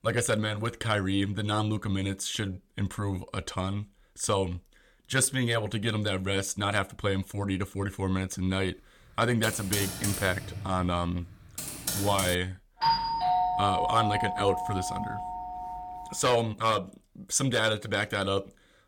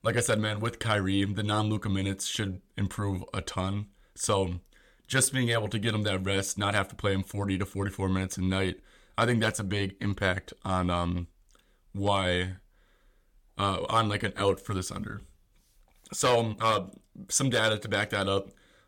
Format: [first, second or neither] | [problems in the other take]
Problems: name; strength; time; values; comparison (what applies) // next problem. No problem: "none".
second | keyboard typing; noticeable; from 9.5 to 12 s; peak 1 dB below the speech // doorbell; loud; from 13 to 16 s; peak 3 dB above the speech